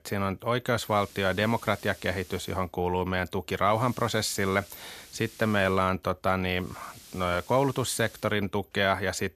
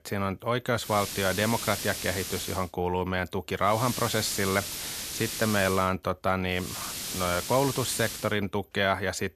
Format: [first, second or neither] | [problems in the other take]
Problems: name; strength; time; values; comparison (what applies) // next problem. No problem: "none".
first | hiss; loud; from 1 to 2.5 s, from 3.5 to 6 s and from 6.5 to 8 s; 5 dB below the speech; faint in the first